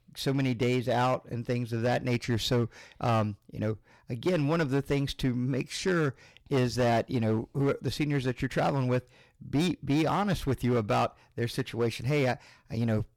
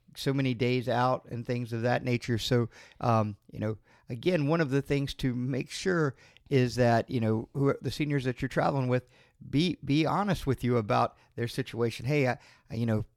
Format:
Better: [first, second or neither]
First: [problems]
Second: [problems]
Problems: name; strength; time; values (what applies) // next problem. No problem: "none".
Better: second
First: distortion; slight; 8% of the sound clipped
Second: none